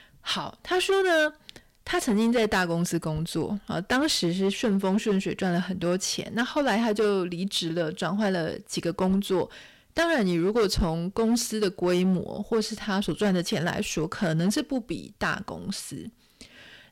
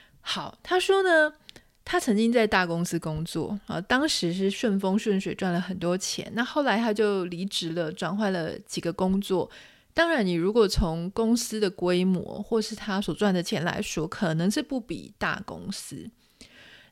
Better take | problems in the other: second | distortion; slight; 7% of the sound clipped

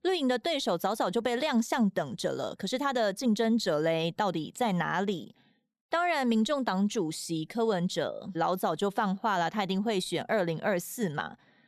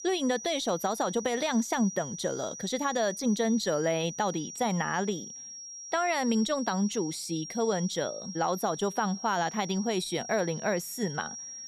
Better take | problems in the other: first | high-pitched whine; loud; throughout; 5.5 kHz, 10 dB below the speech

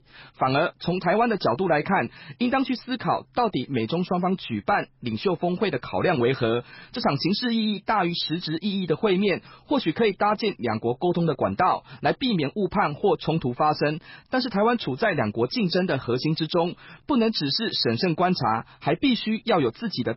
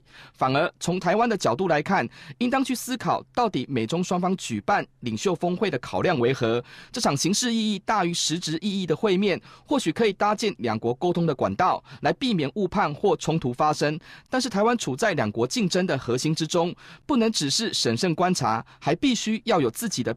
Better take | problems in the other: second | garbled, watery; badly; nothing above 5.5 kHz

